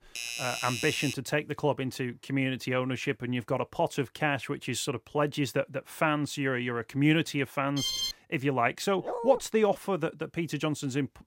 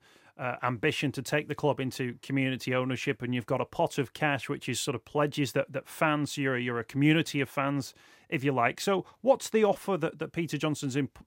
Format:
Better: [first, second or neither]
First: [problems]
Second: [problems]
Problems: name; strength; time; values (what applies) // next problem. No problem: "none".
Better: second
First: doorbell; noticeable; until 1 s; peak 3 dB below the speech // alarm; loud; at 8 s; peak 1 dB above the speech // dog barking; noticeable; at 9 s; peak 5 dB below the speech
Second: none